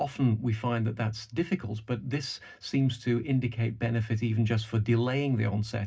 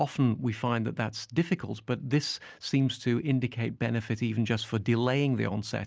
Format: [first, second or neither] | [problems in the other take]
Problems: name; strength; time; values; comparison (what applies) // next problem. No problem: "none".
second | room echo; dies away in 0.4 s